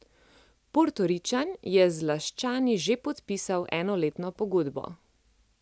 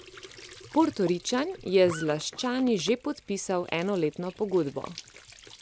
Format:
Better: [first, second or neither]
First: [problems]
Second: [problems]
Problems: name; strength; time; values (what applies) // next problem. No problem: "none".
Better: first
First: none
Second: background sound (Squeak / Trickle, dribble / Sink (filling or washing)); 18 dB below the speech